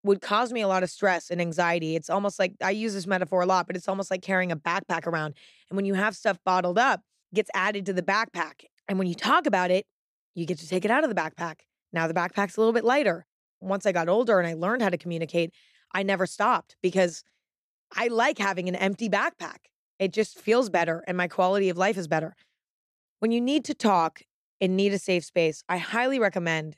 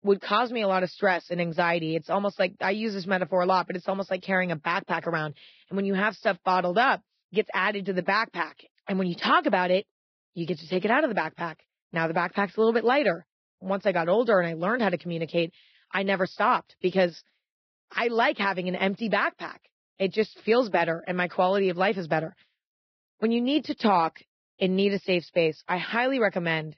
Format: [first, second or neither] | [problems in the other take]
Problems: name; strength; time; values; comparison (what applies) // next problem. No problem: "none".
first | garbled, watery; badly; nothing above 5.5 kHz